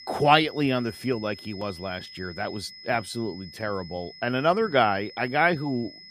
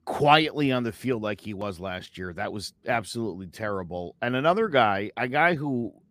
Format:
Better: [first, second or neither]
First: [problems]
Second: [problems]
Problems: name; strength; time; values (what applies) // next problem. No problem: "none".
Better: second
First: high-pitched whine; noticeable; throughout; 5 kHz, 15 dB below the speech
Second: none